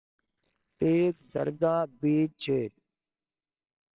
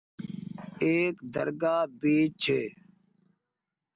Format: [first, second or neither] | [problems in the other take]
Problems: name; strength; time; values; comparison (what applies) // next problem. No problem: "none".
second | noise reduction (neural separator model SepFormer WHAMR!)